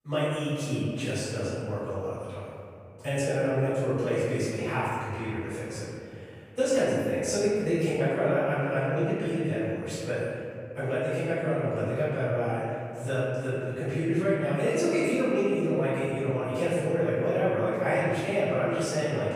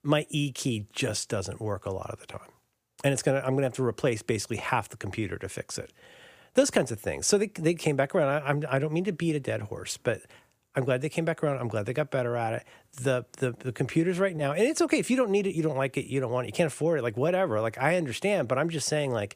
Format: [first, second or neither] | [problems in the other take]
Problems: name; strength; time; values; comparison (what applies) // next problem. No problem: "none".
second | off-mic speech; far // room echo; strong; dies away in 2.5 s